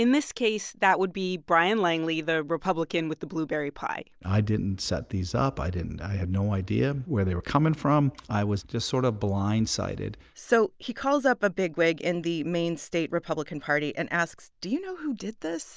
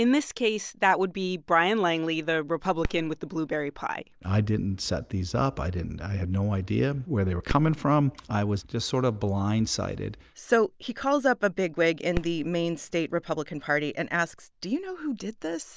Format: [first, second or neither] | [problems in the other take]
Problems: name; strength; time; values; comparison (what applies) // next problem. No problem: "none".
first | background sound (Fireworks); 17 dB below the speech